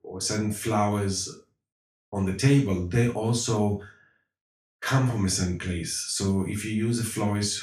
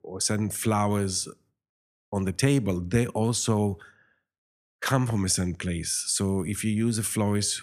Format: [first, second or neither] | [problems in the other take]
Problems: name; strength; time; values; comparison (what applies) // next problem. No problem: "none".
second | room echo; noticeable; dies away in 0.3 s // off-mic speech; far